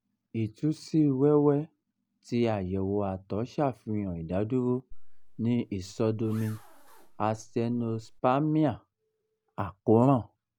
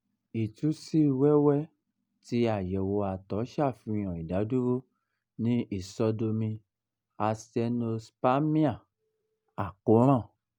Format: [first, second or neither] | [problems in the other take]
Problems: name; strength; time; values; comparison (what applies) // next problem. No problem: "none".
second | background sound (Zipper (clothing)); 16 dB below the speech